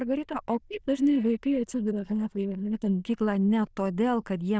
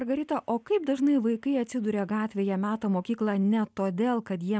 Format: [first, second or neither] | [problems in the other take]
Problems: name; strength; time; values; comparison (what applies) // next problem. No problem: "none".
second | noise reduction (neural diffusion model UNIVERSE++)